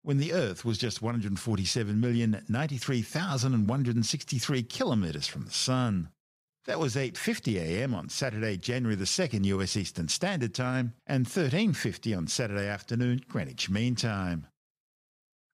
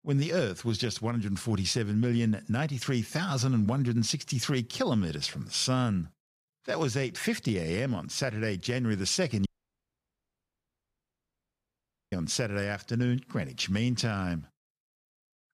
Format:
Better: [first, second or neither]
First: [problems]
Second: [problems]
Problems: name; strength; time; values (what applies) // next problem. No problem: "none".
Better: first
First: none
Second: audio cutting out; at 9.5 s for 2.5 s